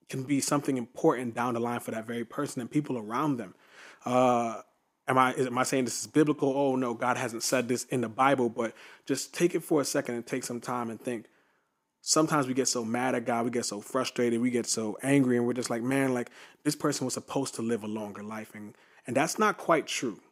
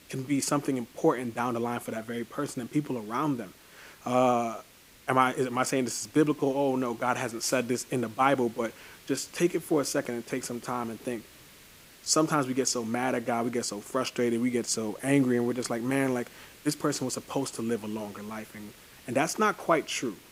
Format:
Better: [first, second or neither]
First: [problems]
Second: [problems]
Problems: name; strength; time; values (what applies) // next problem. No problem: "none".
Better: first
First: none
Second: hiss; faint; throughout; 25 dB below the speech